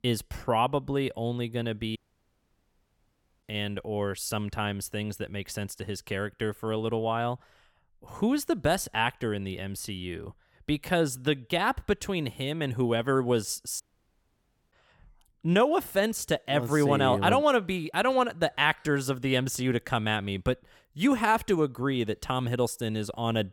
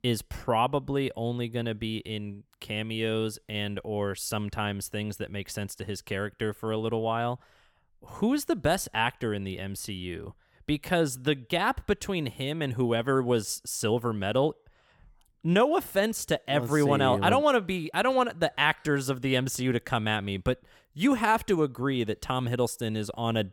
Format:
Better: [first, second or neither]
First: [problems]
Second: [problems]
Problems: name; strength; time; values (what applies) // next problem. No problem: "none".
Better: second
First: audio cutting out; at 2 s for 1.5 s and at 14 s for 1 s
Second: none